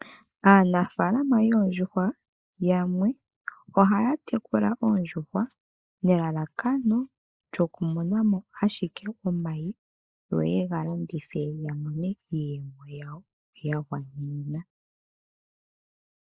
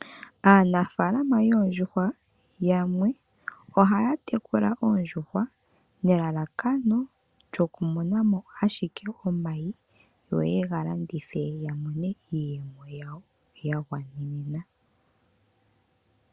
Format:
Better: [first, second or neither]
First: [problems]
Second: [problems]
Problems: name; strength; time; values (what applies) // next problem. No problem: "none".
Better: second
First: noise reduction (neural mask model Resemble Enhance denoiser)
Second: none